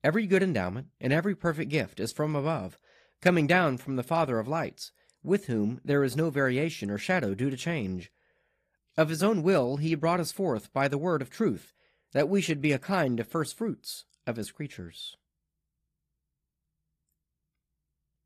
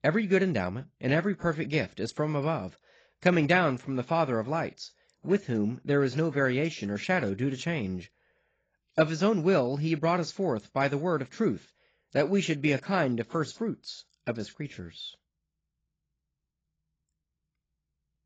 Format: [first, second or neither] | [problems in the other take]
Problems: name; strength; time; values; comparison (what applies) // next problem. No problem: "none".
first | garbled, watery; badly; nothing above 7.5 kHz; slightly in the first